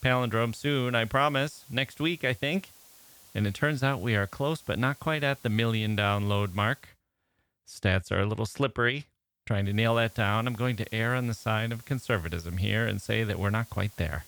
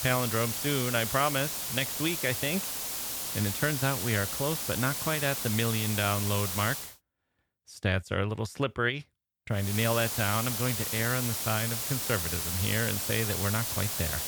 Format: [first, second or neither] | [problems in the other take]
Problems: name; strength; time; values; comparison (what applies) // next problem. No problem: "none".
first | hiss; loud; until 7 s and from 9.5 s on; 1 dB below the speech; faint in the first